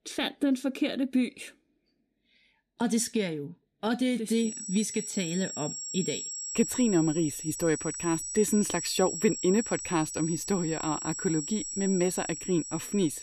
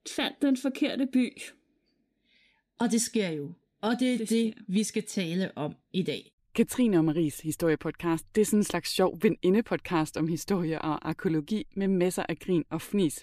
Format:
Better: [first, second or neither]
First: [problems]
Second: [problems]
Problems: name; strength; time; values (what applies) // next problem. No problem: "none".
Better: second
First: high-pitched whine; loud; from 4.5 s on; 8 kHz, 6 dB below the speech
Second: none